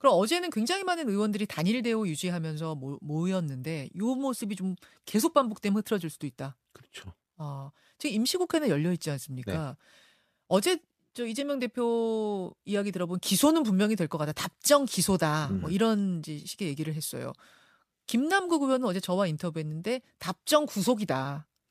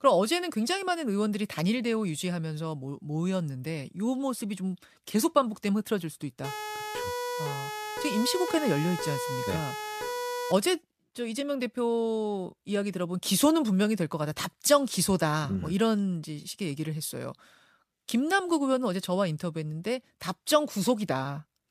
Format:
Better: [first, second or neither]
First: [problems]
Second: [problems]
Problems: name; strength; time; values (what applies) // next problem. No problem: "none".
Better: first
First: none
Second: siren; noticeable; from 6.5 to 11 s; peak 4 dB below the speech